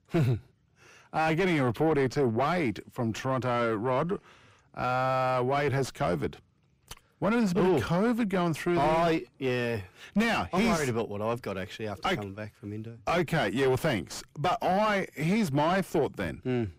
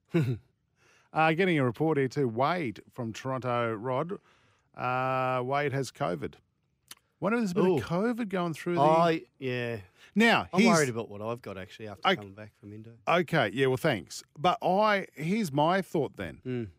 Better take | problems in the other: second | distortion; heavy; 5 dB below the speech

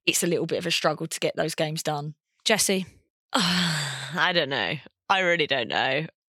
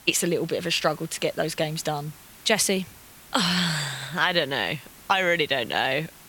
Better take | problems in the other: first | hiss; faint; throughout; 20 dB below the speech

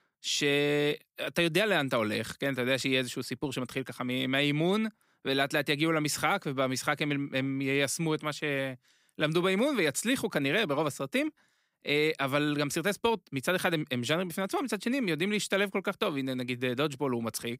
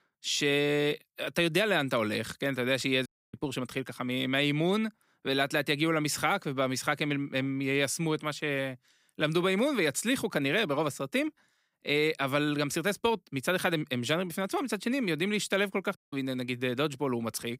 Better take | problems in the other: first | audio cutting out; at 3 s and at 16 s

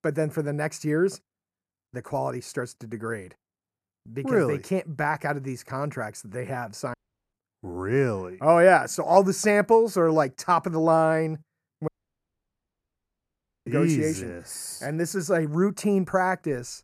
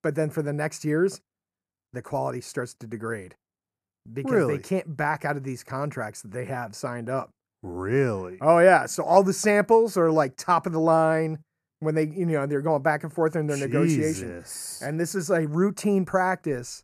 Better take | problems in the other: second | audio cutting out; at 7 s and at 12 s for 2 s

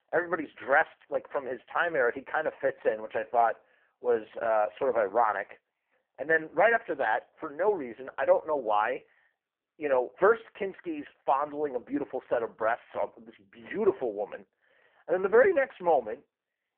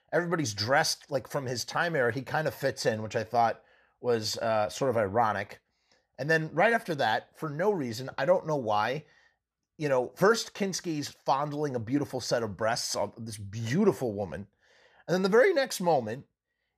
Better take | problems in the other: second | phone-call audio; poor line

